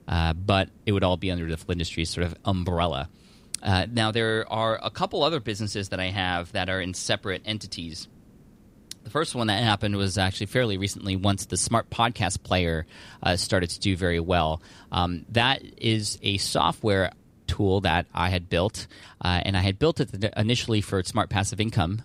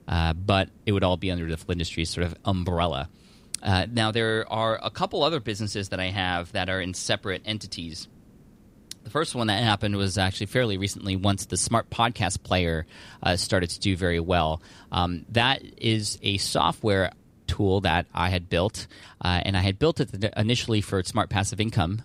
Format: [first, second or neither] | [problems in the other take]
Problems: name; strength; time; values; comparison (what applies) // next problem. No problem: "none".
neither | hiss; faint; throughout; 30 dB below the speech; the same in both